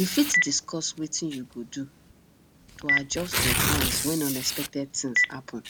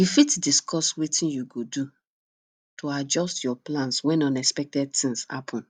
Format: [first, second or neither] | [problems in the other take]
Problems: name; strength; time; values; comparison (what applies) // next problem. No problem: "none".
second | background sound (Tearing + Telephone); 2 dB above the speech